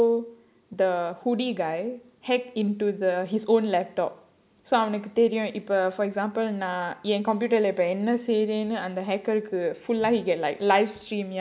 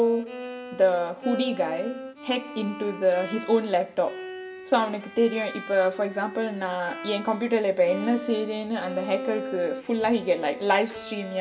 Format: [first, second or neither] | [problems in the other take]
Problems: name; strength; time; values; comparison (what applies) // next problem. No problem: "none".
first | background sound (Bowed string instrument); 12 dB below the speech // room echo; dies away in 0.1 s